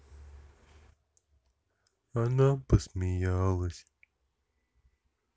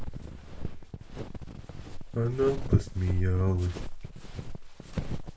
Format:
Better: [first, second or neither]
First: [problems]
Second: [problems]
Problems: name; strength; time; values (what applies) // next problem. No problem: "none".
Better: first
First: none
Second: background sound (Walk, footsteps); 4 dB below the speech // room echo; dies away in 0.2 s